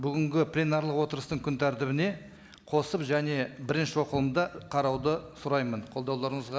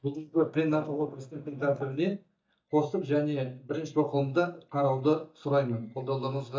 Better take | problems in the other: first | noise reduction (neural mask model DeepFilterNet 3)

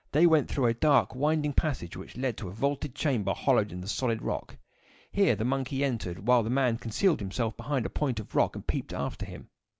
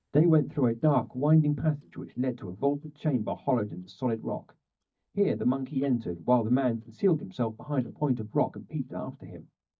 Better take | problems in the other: first | noise reduction (neural mask model DeepFilterNet 3)

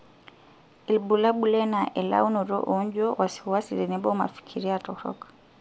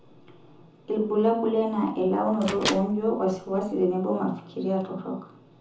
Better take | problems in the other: first | background sound (Microwave oven); 11 dB below the speech // room echo; dies away in 0.5 s

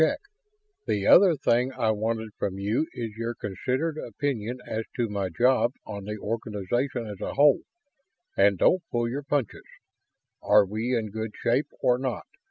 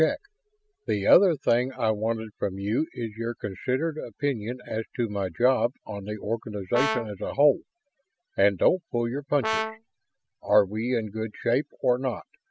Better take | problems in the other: first | background sound (Brass instrument); 6 dB below the speech

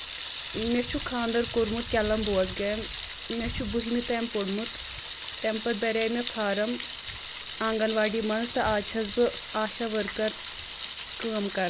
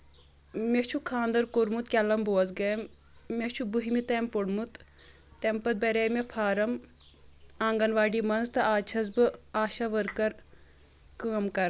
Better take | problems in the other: second | background sound (Thunder); 8 dB below the speech

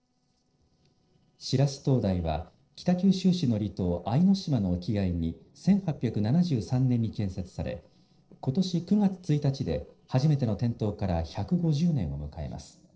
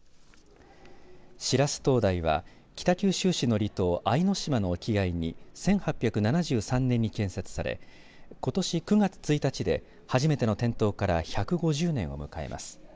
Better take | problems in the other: second | noise reduction (neural separator model SepFormer DNS4)

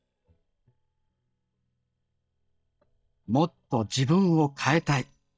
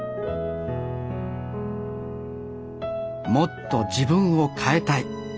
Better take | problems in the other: second | noise reduction (neural mask model DeepFilterNet 3)

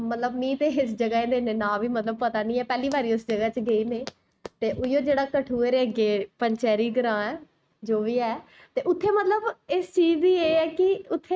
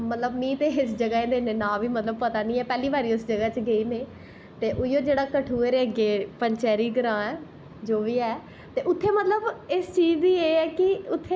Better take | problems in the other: second | noise reduction (neural mask model RNNoise)

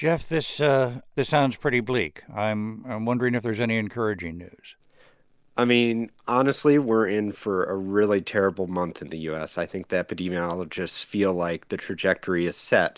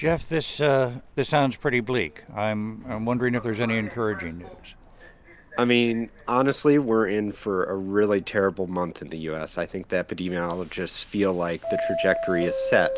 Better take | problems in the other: first | background sound (Subway, metro, underground); 11 dB below the speech

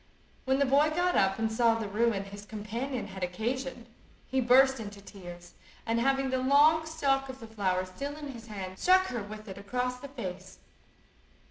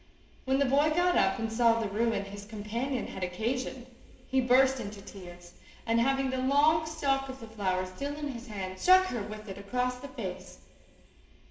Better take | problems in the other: first | room echo; dies away in 2.3 s

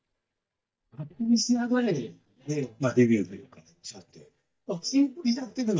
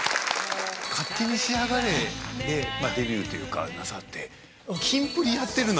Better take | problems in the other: second | noise reduction (neural mask model DeepFilterNet 3)

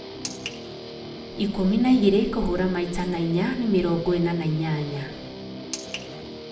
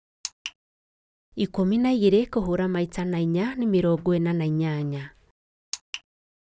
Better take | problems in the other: second | background sound (Guitar); 12 dB below the speech // room echo; dies away in 0.6 s

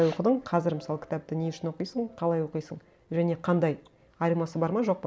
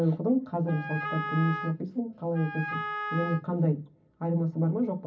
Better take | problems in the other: first | background sound (Wind instrument, woodwind instrument); 7 dB below the speech // room echo; dies away in 0.4 s

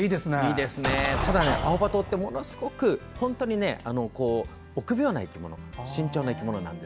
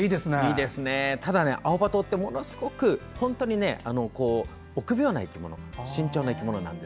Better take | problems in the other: second | background sound (Explosion); 3 dB below the speech

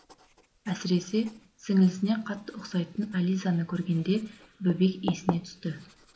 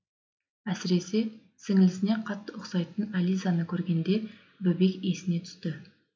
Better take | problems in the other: second | background sound (Writing); 15 dB below the speech

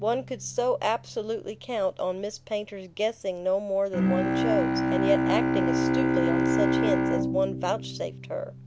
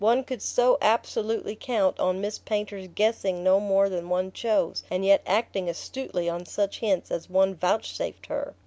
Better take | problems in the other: second | background sound (Bowed string instrument); 1 dB above the speech

